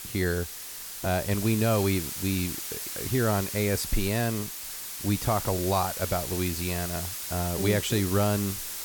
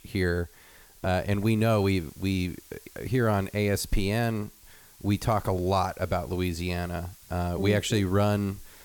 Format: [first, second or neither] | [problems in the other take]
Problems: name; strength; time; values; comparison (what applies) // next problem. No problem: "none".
second | hiss; loud; throughout; 5 dB below the speech; faint in the second